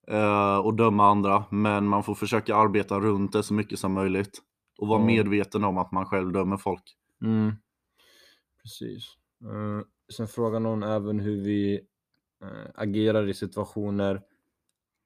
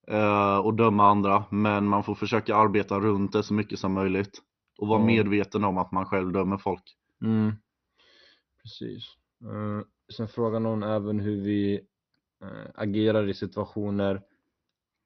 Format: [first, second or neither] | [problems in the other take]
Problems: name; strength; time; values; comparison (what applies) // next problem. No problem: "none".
first | garbled, watery; slightly; nothing above 6 kHz